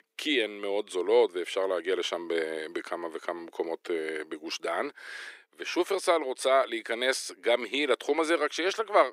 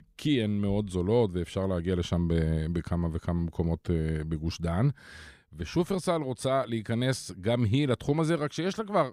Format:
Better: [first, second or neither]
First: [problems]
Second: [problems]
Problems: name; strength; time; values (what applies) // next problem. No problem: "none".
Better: second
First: thin; very; fading below 350 Hz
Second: none